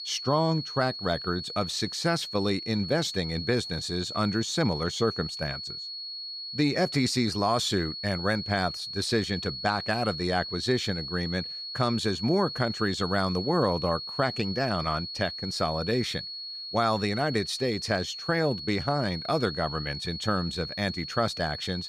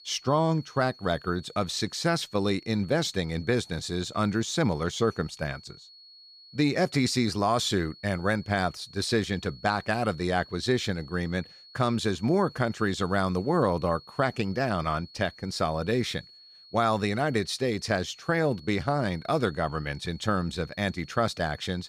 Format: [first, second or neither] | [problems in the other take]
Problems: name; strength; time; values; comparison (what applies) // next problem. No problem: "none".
second | high-pitched whine; loud; throughout; 4.5 kHz, 6 dB below the speech; faint in the second